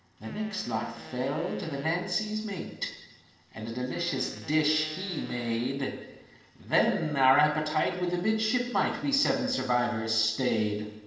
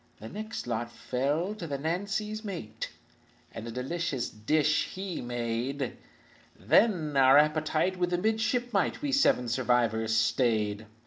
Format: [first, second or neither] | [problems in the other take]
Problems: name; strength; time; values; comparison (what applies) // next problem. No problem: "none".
second | background sound (Fart); 19 dB below the speech // room echo; dies away in 1.1 s